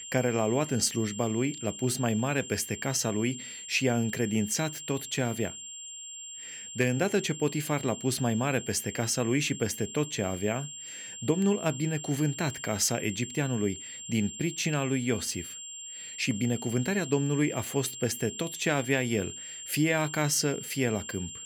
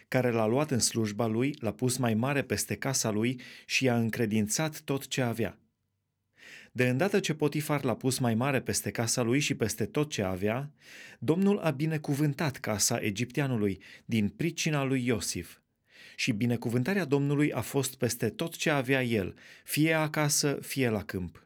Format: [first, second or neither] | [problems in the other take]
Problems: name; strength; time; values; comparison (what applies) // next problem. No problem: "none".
second | high-pitched whine; loud; throughout; 7.5 kHz, 10 dB below the speech